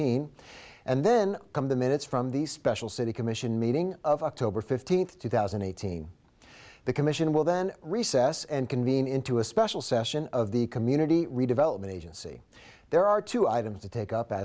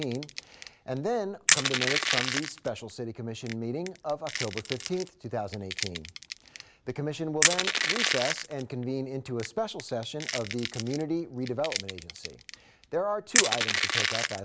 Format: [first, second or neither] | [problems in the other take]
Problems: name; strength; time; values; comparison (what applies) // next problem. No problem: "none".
first | background sound (Crushing); 1 dB above the speech